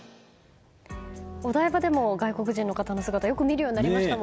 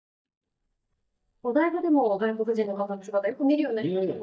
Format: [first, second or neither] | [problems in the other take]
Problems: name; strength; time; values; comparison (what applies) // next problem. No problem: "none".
first | noise reduction (neural mask model DeepFilterNet 3)